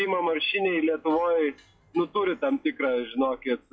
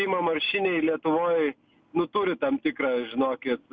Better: second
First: noise reduction (classical method log-MMSE)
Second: none

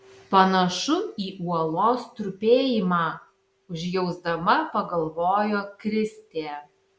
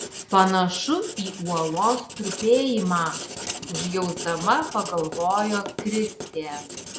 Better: first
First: none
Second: background sound (Writing); 11 dB below the speech

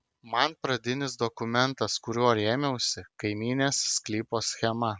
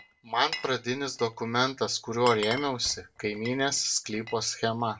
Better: first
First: none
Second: background sound (Glass); 15 dB below the speech // room echo; dies away in 0.2 s

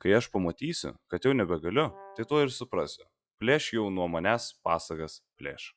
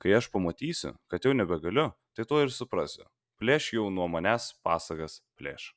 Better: second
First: noise reduction (classical method log-MMSE)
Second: none

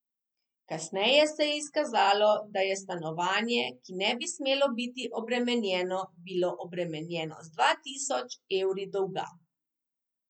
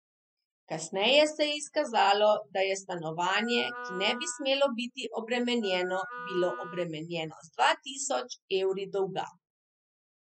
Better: first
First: none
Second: noise reduction (classical method spectral subtraction)

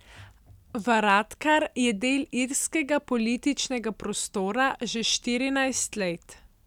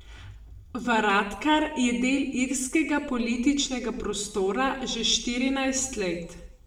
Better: first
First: none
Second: room echo; dies away in 0.7 s

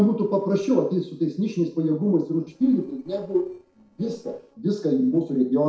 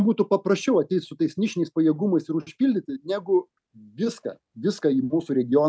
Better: second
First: noise reduction (neural separator model SepFormer DNS4)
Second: none

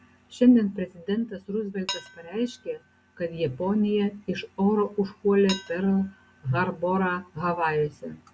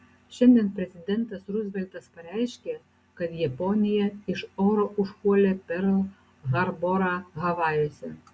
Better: second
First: background sound (Dishes, pots, and pans); 18 dB below the speech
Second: none

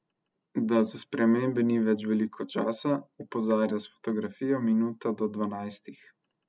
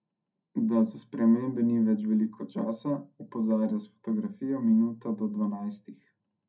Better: first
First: none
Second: room echo; dies away in 0.2 s

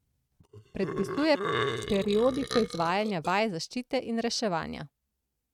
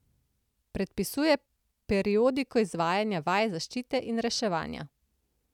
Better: second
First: noise reduction (neural mask model RNNoise)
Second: none

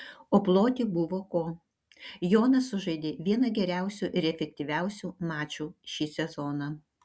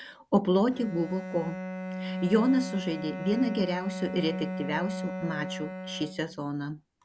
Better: first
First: none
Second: background sound (Bowed string instrument); 7 dB below the speech

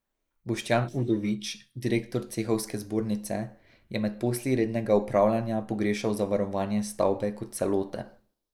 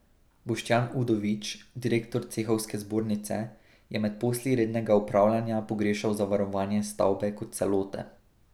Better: second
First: noise reduction (neural mask model Resemble Enhance denoiser)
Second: none

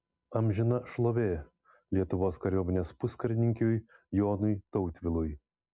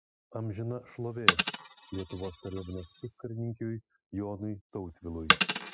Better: first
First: none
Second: noise reduction (classical method spectral subtraction)

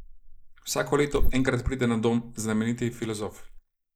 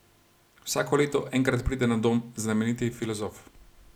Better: second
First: noise reduction (neural mask model Resemble Enhance denoiser)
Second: none

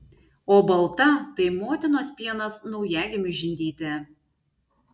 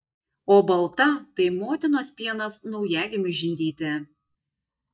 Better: first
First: none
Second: noise reduction (neural mask model DeepFilterNet 3)

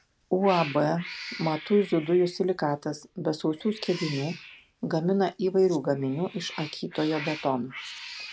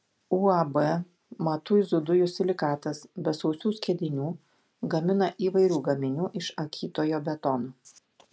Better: second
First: background sound (Cat); 15 dB below the speech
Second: none

